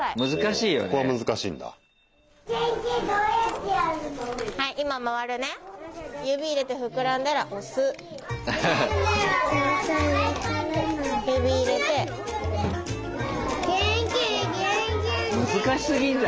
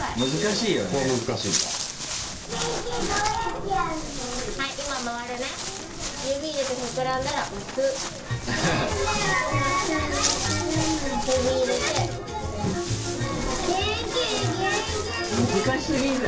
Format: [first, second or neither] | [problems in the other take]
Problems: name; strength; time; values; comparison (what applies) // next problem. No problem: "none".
first | background sound (Walk, footsteps); 7 dB below the speech // room echo; dies away in 0.2 s